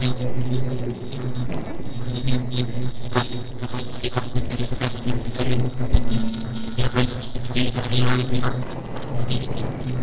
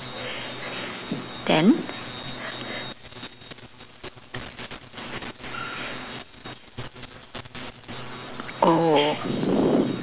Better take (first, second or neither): second